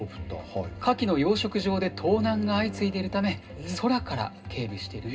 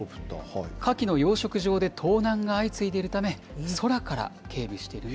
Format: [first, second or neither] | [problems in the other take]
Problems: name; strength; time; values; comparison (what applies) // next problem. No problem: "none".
second | background sound (Bowed string instrument); 13 dB below the speech // room echo; dies away in 0.2 s